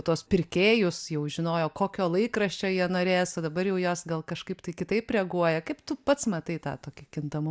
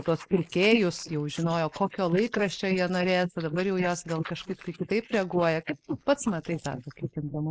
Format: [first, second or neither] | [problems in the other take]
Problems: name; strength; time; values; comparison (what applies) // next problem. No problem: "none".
first | noise reduction (neural mask model Resemble Enhance denoiser)